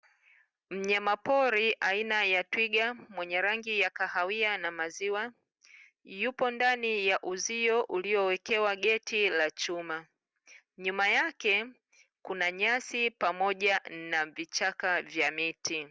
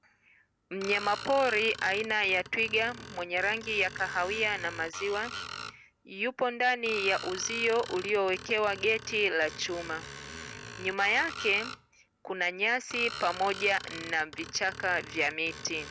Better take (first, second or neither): first